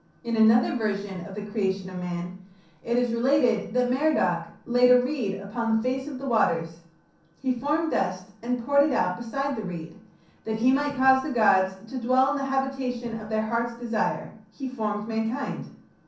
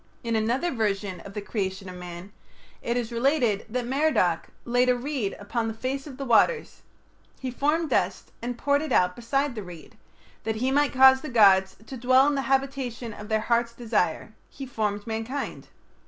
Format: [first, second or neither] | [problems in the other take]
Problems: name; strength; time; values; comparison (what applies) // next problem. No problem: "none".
second | room echo; dies away in 0.6 s